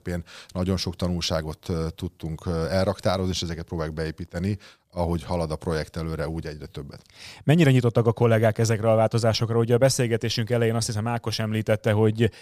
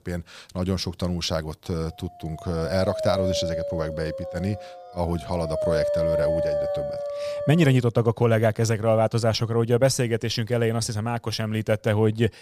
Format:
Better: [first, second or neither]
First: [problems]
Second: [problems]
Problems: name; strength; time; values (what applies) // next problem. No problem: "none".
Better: first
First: none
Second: dog barking; loud; from 2.5 to 8 s; peak 1 dB above the speech